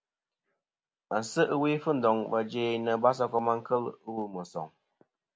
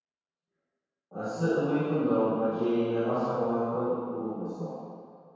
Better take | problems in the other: first | room echo; dies away in 2 s

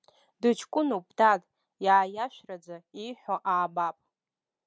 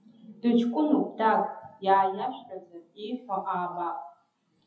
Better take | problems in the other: first | noise reduction (classical method WPE with log-MMSE)

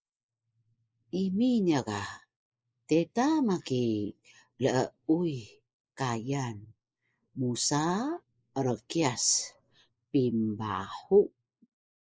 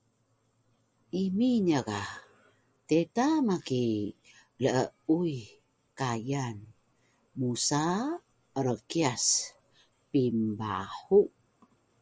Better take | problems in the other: second | noise reduction (neural mask model Resemble Enhance denoiser)

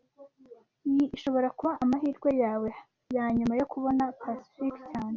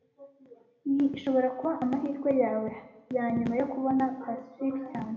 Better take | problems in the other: first | room echo; dies away in 0.9 s

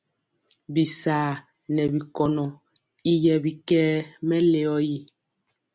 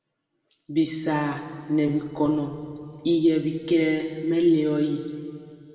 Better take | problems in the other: first | room echo; dies away in 2.2 s

